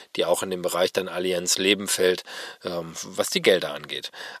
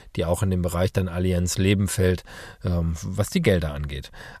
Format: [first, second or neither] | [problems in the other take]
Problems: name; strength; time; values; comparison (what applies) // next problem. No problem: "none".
second | thin; very; fading below 300 Hz